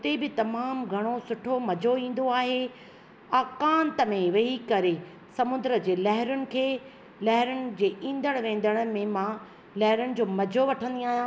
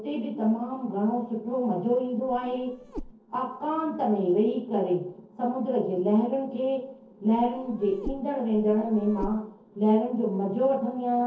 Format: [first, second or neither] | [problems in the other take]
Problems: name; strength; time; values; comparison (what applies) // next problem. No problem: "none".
first | noise reduction (neural separator model SepFormer DNS4)